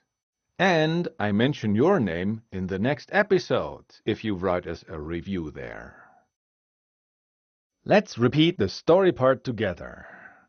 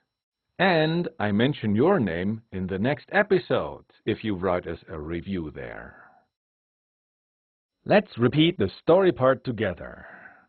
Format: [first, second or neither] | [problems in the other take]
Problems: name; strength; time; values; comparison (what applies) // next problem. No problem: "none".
first | garbled, watery; badly; nothing above 4 kHz; slightly in the first